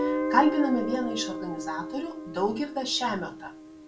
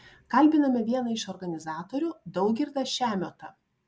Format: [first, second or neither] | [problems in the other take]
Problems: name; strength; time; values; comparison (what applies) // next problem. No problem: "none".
second | background sound (Guitar); 4 dB below the speech // room echo; dies away in 0.2 s